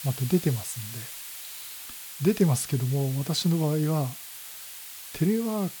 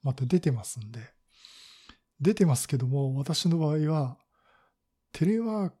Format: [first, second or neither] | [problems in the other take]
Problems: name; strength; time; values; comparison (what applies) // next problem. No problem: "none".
second | hiss; noticeable; throughout; 10 dB below the speech